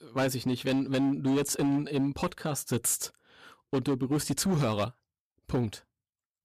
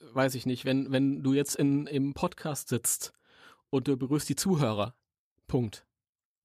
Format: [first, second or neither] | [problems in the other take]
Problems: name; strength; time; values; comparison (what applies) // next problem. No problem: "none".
second | distortion; slight; 10% of the sound clipped